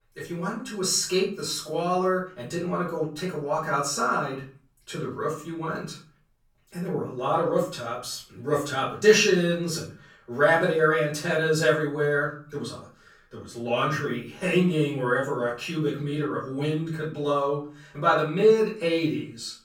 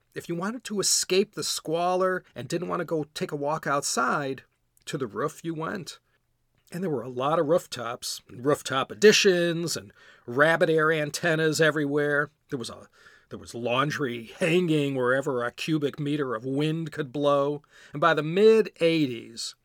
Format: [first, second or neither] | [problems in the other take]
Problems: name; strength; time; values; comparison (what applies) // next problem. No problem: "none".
second | room echo; slight; dies away in 0.4 s // off-mic speech; far